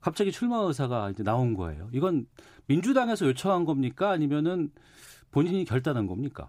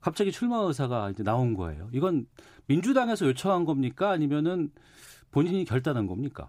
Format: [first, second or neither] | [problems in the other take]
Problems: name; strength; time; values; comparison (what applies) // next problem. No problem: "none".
neither | none